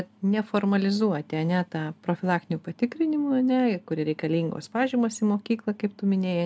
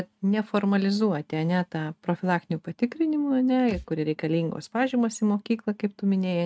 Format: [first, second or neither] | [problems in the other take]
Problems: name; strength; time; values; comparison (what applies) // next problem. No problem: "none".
first | noise reduction (neural mask model RNNoise)